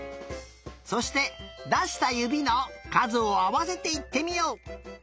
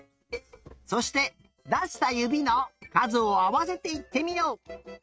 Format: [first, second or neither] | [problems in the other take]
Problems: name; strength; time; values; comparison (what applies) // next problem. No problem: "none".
first | noise reduction (neural mask model RNNoise)